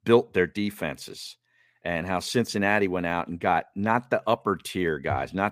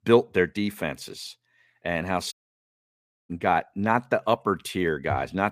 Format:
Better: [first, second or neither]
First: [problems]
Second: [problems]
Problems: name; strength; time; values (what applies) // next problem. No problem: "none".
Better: first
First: none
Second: audio cutting out; at 2.5 s for 1 s